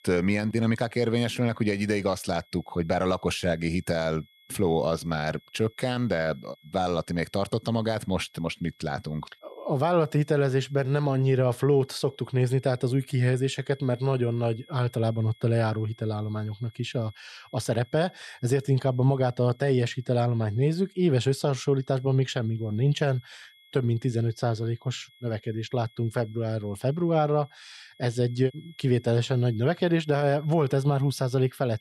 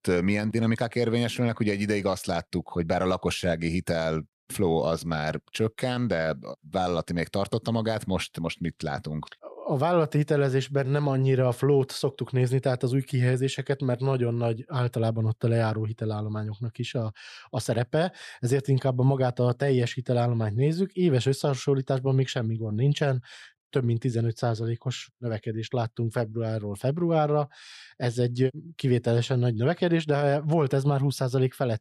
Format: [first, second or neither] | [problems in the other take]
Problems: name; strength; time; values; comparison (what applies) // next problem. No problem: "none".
second | high-pitched whine; faint; throughout; 3.5 kHz, 30 dB below the speech